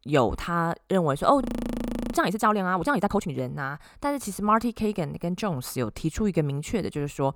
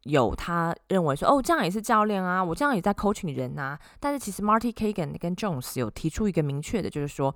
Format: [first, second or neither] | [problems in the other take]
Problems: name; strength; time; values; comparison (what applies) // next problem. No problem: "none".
second | audio freezing; at 1.5 s for 0.5 s